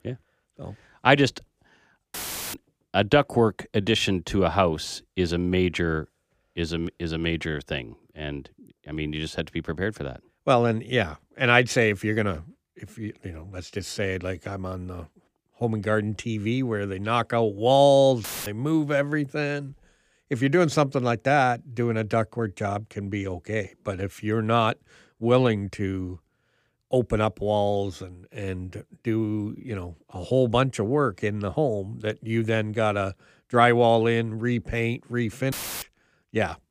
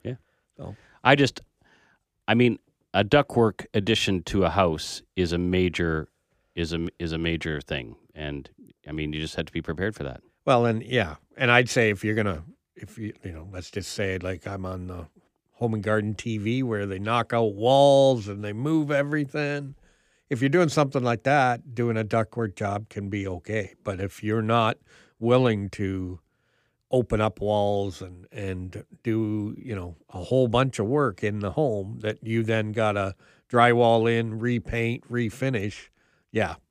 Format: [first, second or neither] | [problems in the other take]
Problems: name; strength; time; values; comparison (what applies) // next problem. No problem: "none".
second | audio cutting out; filled with static; at 2 s, at 18 s and at 36 s